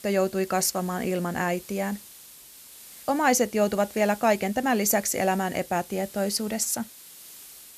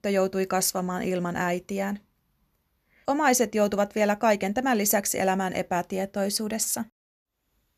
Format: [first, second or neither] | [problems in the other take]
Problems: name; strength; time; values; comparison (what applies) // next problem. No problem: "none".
second | hiss; noticeable; throughout; 20 dB below the speech